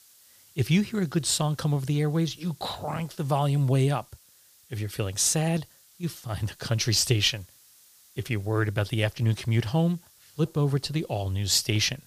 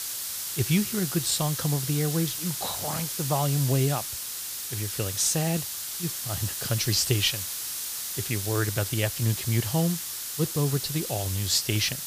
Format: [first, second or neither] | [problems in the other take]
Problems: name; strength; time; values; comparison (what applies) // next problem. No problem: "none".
first | hiss; loud; throughout; 3 dB below the speech; faint in the first